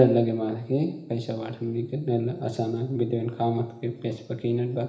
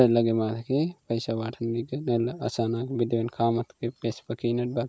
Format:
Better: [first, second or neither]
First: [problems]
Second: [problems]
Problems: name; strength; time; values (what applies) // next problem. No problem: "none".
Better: second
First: room echo; dies away in 1.1 s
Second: none